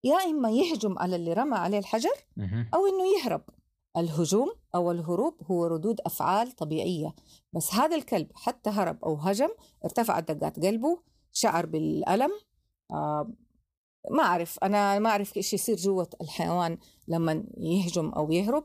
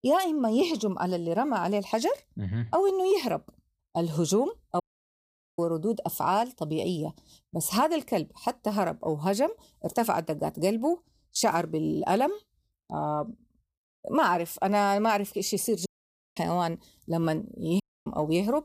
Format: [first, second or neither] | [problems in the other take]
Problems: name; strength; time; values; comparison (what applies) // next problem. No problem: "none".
first | audio cutting out; at 5 s for 1 s, at 16 s for 0.5 s and at 18 s